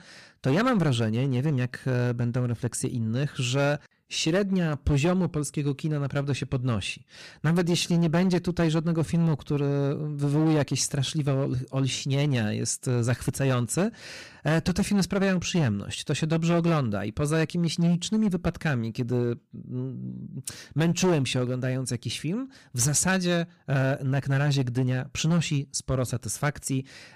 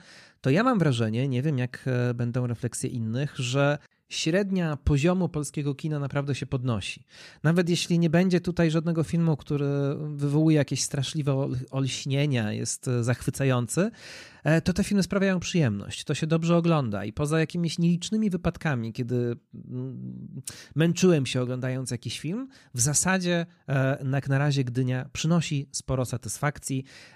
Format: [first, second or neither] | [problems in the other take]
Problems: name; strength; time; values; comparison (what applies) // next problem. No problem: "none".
second | distortion; slight; 7% of the sound clipped